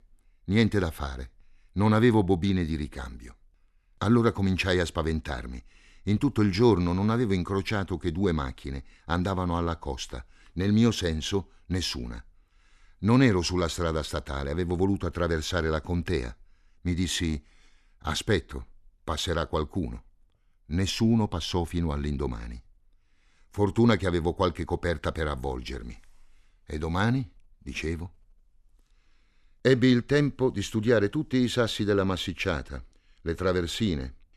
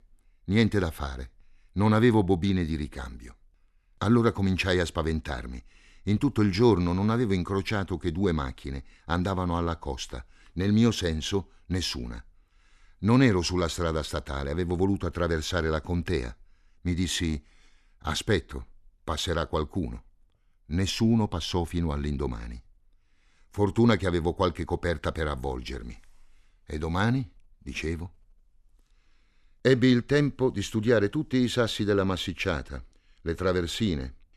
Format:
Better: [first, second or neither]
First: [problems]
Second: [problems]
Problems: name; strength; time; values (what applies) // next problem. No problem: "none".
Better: neither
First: none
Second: none